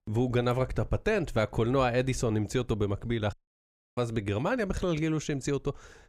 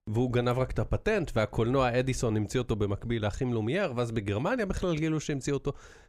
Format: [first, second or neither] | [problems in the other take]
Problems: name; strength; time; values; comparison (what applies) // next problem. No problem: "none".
second | audio cutting out; at 3.5 s for 0.5 s